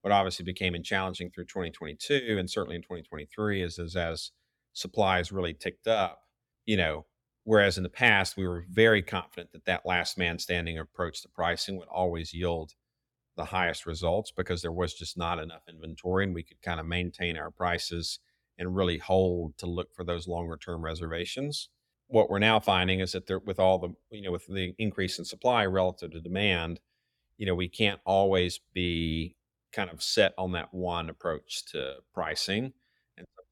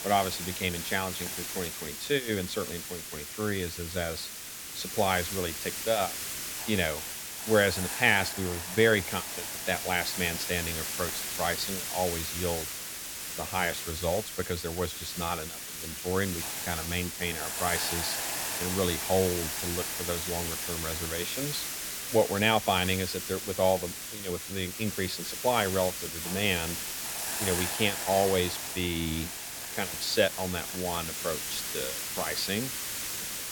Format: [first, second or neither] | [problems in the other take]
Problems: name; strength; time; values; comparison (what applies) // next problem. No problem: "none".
first | hiss; loud; throughout; 3 dB below the speech